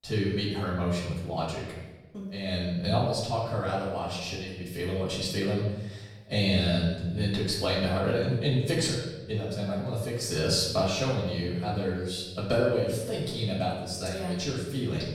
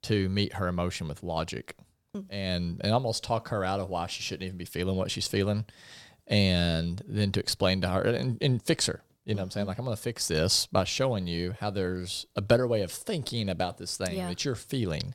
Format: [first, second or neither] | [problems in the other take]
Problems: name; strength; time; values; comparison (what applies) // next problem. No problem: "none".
second | off-mic speech; far // room echo; noticeable; dies away in 1 s